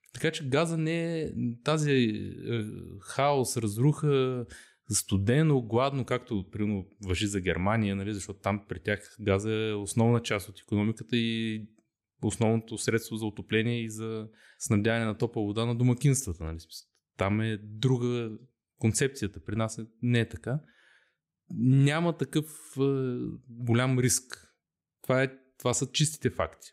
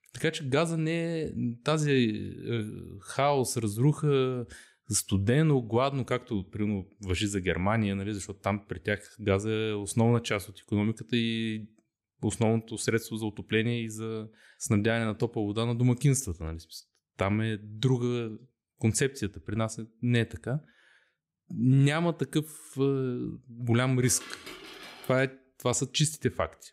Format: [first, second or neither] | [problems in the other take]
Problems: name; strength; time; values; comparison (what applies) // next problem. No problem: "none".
first | clattering dishes; faint; from 24 to 25 s; peak 15 dB below the speech